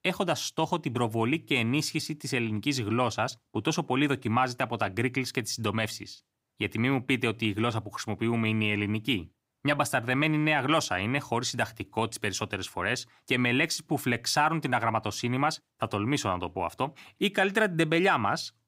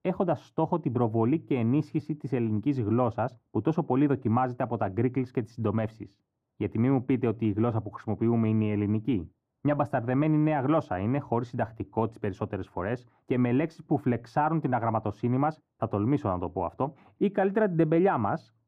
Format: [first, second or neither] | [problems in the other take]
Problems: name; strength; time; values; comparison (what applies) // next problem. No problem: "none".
first | muffled; very; fading above 2 kHz